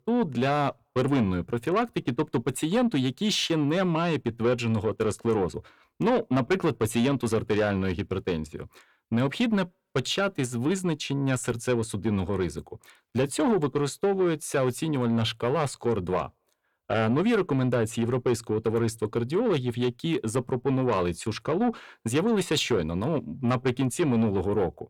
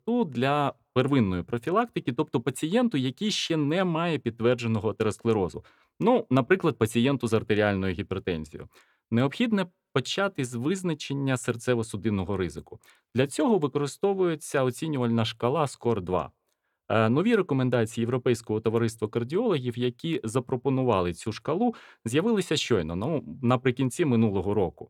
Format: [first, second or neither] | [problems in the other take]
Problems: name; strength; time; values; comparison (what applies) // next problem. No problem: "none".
second | distortion; slight; 10 dB below the speech